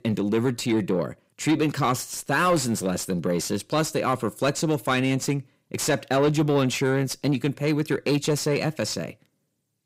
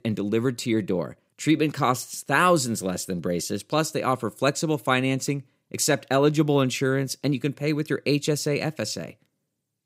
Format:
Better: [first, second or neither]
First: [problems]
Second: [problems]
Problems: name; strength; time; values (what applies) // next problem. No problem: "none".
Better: second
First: distortion; slight; 10 dB below the speech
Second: none